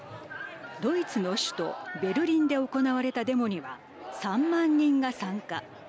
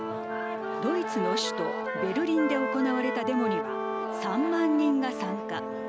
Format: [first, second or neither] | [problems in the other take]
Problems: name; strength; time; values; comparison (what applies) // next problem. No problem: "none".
first | background sound (Brass instrument + Wind instrument, woodwind instrument); 2 dB below the speech